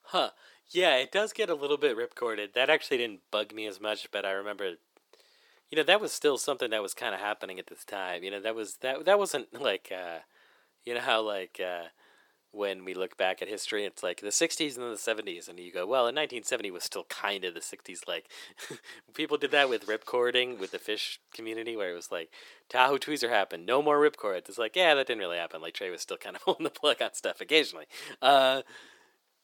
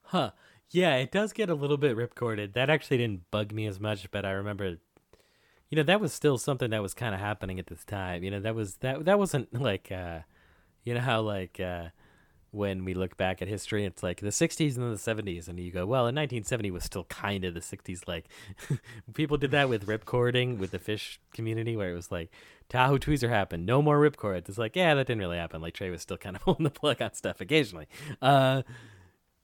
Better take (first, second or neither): second